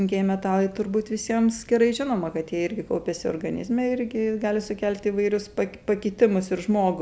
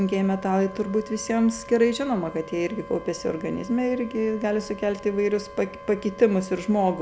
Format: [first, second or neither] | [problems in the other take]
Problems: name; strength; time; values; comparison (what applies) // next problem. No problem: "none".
first | background sound (Wind instrument, woodwind instrument); 17 dB below the speech